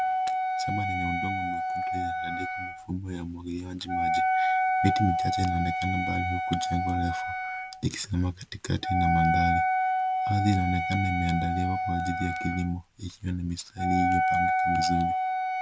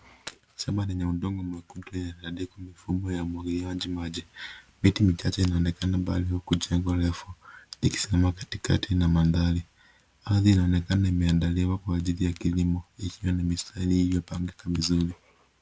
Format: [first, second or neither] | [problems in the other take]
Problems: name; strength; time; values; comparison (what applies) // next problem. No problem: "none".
second | background sound (Wind instrument, woodwind instrument); 2 dB above the speech